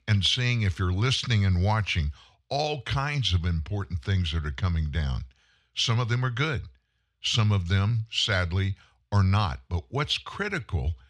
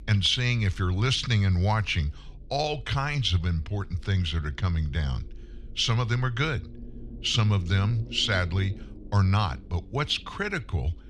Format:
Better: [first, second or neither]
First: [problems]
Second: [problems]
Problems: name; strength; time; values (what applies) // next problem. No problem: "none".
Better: first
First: none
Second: low rumble; faint; throughout; 25 dB below the speech